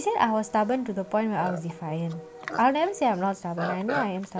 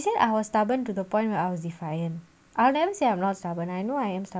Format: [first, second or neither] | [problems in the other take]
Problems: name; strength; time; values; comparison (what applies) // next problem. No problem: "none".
second | background sound (Livestock, farm animals, working animals); 11 dB below the speech